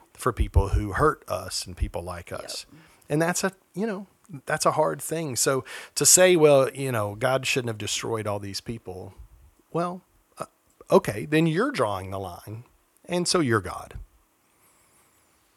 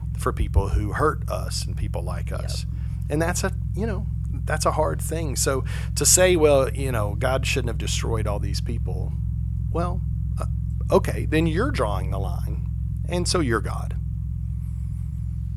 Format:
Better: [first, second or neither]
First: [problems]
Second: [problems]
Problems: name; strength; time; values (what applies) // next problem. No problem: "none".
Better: first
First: none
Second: low rumble; noticeable; throughout; 20 dB below the speech